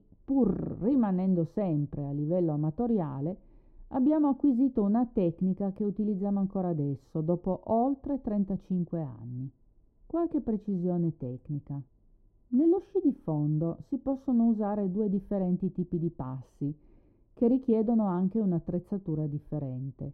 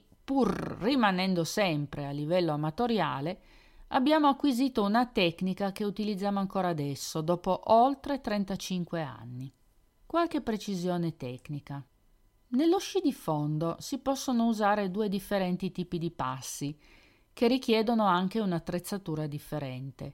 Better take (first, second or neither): second